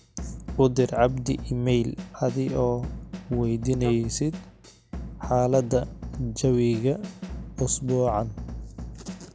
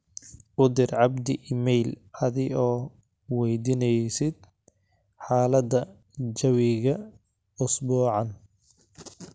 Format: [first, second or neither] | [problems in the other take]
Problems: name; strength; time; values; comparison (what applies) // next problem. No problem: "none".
second | background sound (Drum / Drum kit + Wind instrument, woodwind instrument); 10 dB below the speech